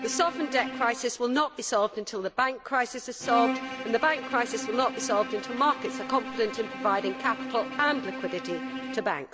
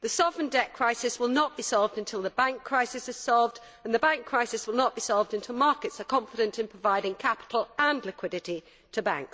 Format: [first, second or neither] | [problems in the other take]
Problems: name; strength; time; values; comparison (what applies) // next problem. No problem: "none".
second | background sound (Bowed string instrument); 8 dB below the speech